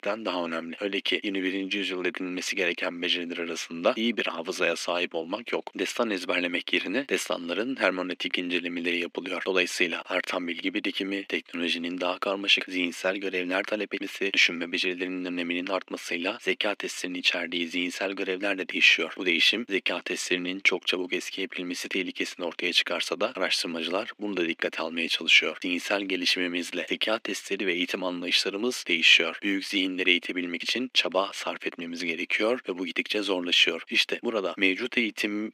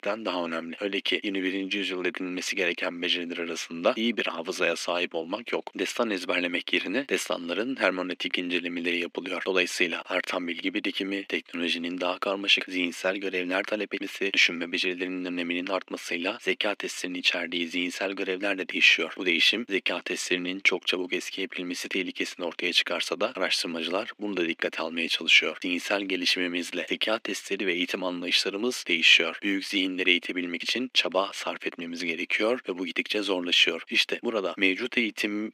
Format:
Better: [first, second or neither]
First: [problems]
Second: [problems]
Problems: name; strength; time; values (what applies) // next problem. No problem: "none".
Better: neither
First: thin; somewhat; fading below 250 Hz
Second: thin; somewhat; fading below 250 Hz